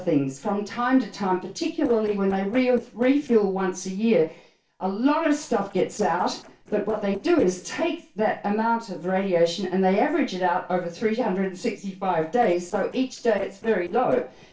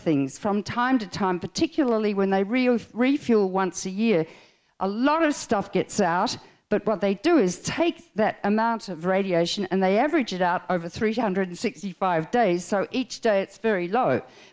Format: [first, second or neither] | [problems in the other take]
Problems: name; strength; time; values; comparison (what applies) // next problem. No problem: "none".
second | noise reduction (neural separator model SepFormer DNS4)